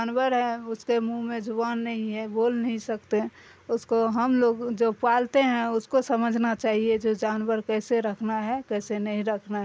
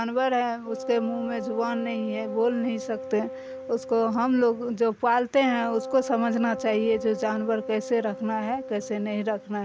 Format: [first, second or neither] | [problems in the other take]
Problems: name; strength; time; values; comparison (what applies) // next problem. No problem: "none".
first | background sound (Wind instrument, woodwind instrument); 11 dB below the speech